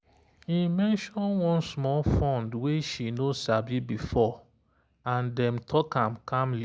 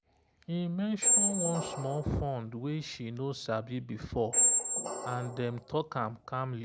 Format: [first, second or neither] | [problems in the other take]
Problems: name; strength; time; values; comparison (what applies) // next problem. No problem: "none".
first | background sound (Squeak); 5 dB above the speech